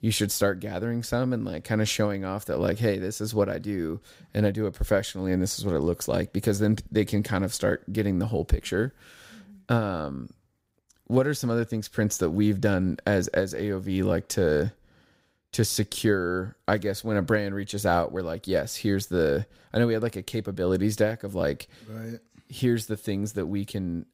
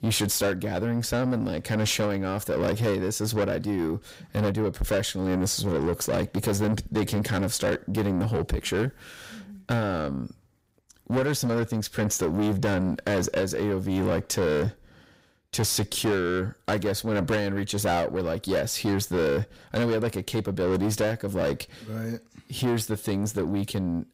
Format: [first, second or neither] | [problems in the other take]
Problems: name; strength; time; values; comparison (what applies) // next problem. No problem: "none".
first | distortion; heavy; 7 dB below the speech